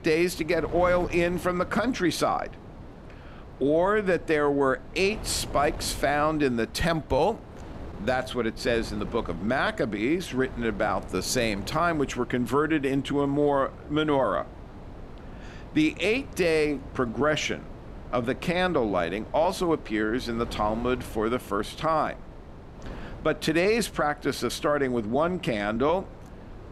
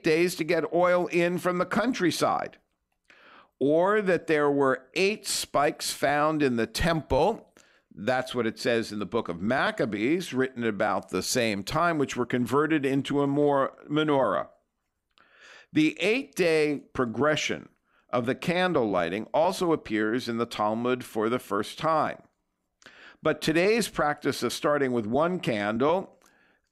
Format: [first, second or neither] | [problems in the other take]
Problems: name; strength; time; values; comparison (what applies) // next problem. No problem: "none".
second | wind noise on the microphone; occasional gusts; 20 dB below the speech